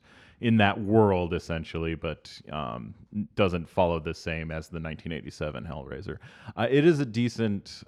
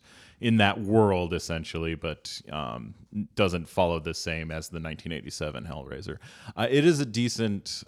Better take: second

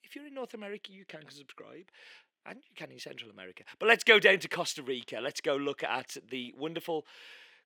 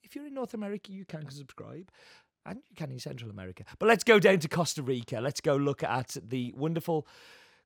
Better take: second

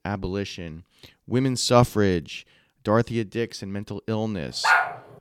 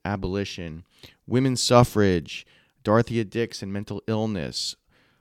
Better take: second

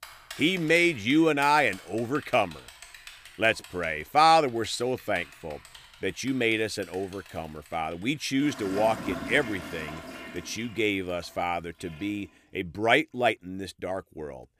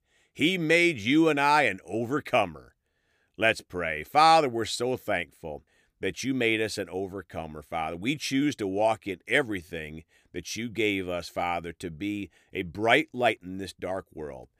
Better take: second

